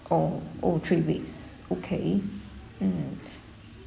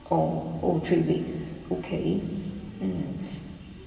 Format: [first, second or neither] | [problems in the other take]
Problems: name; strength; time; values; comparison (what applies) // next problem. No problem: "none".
first | room echo; dies away in 2.8 s